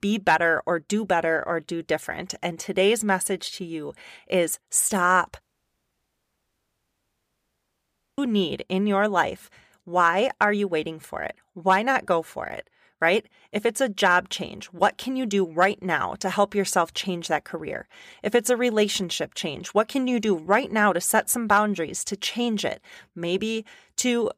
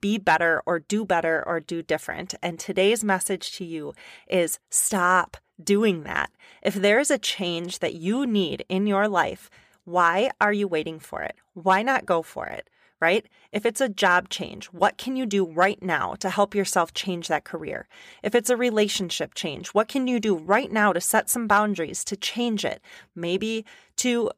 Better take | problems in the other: second | audio cutting out; at 5.5 s for 3 s

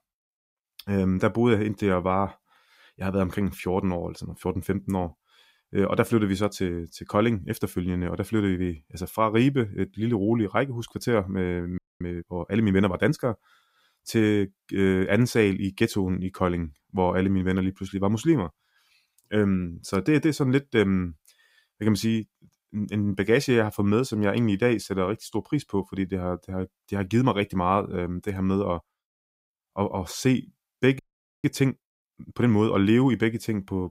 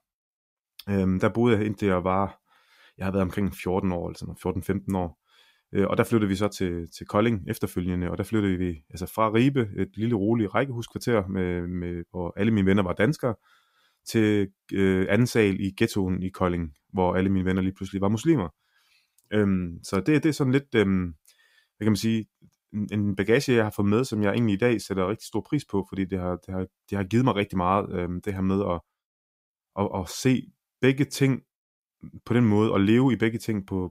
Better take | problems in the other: second | audio freezing; at 12 s and at 31 s

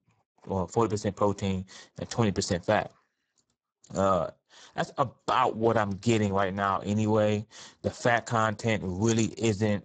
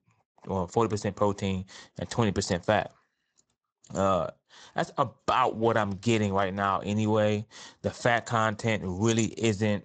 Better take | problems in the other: second | garbled, watery; badly; nothing above 7.5 kHz; slightly in the second

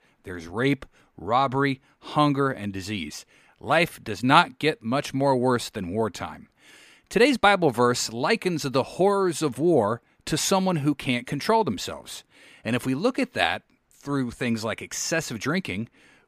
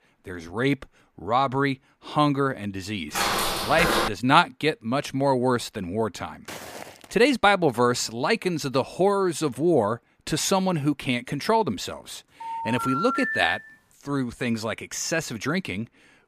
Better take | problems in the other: first | footsteps; loud; at 3 s; peak 2 dB above the speech // footsteps; faint; at 6.5 s; peak 15 dB below the speech // phone ringing; noticeable; from 12 to 14 s; peak 1 dB below the speech

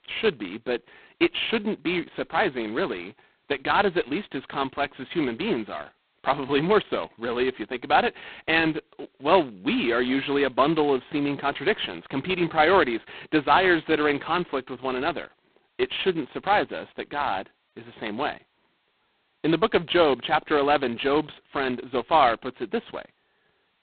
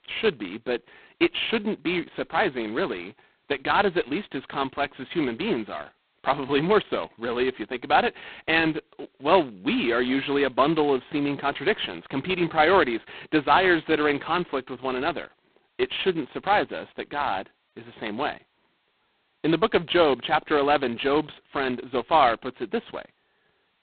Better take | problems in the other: neither | phone-call audio; poor line; nothing above 4 kHz; the same in both

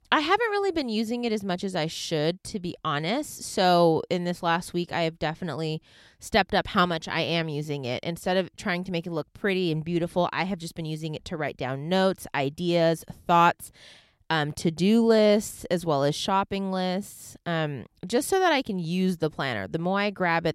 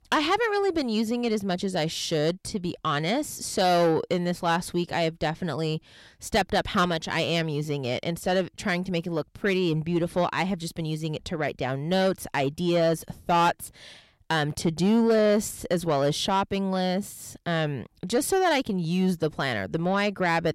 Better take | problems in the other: first | distortion; slight; 10 dB below the speech

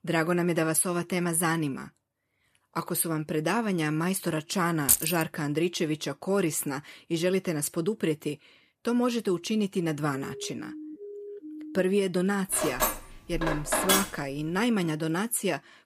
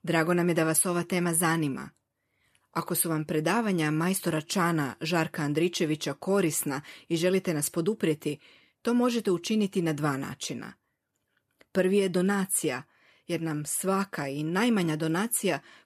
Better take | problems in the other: second | jangling keys; loud; at 5 s; peak 6 dB above the speech // siren; faint; from 10 to 12 s; peak 15 dB below the speech // clattering dishes; loud; from 13 to 14 s; peak 4 dB above the speech

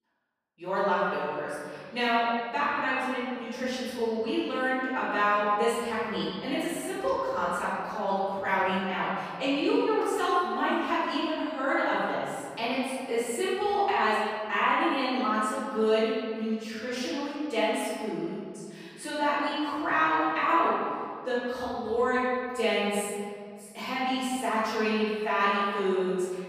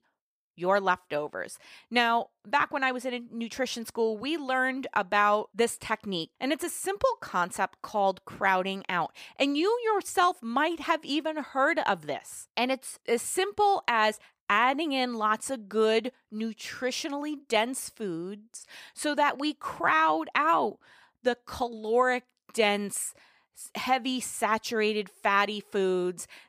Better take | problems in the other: second | off-mic speech; far // room echo; strong; dies away in 2 s

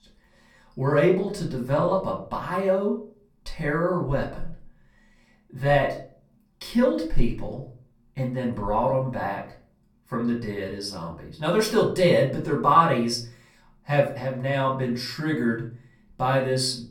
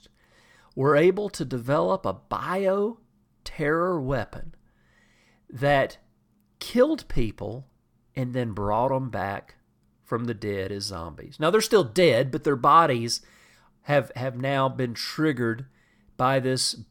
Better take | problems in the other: second | off-mic speech; far // room echo; slight; dies away in 0.4 s

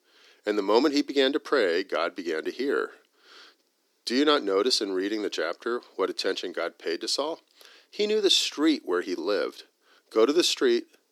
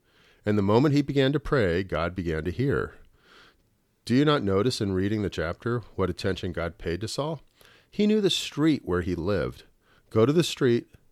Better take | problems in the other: second | thin; somewhat; fading below 300 Hz

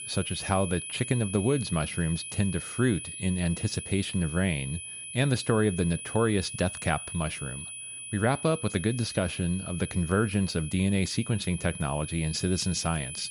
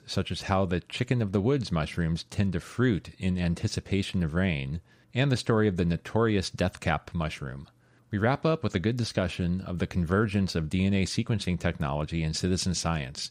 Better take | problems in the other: second | high-pitched whine; loud; throughout; 10 kHz, 8 dB below the speech

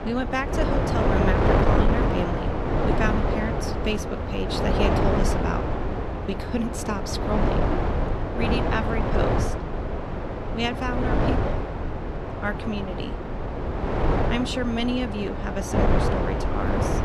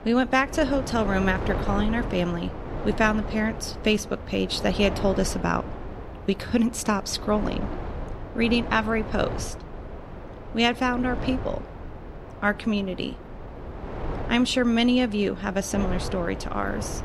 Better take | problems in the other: second | wind noise on the microphone; heavy; 3 dB above the speech; occasional gusts in the second

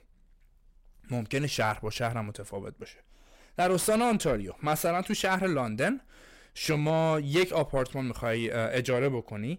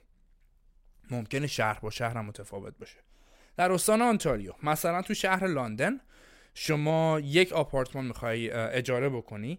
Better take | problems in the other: second | distortion; slight; 10 dB below the speech

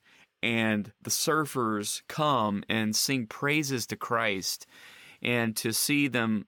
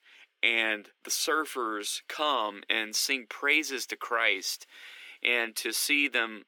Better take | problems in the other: first | thin; somewhat; fading below 300 Hz

